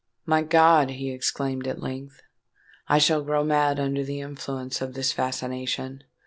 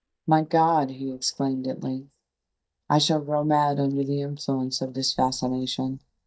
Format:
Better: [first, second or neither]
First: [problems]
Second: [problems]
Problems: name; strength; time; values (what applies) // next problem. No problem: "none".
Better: first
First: none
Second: noise reduction (neural mask model DeepFilterNet 3)